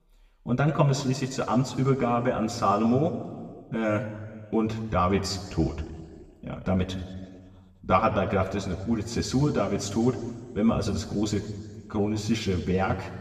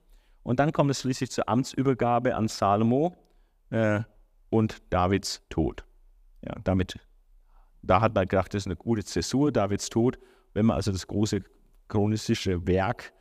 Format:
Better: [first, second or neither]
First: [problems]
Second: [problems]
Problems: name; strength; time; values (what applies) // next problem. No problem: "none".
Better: second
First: room echo; slight; dies away in 1.4 s // off-mic speech; somewhat distant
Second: none